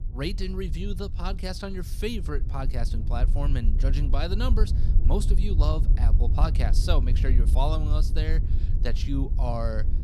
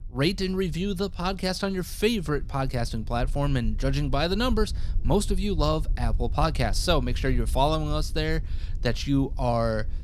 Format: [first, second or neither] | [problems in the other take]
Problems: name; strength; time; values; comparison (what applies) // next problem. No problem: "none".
second | low rumble; loud; throughout; 10 dB below the speech; faint in the second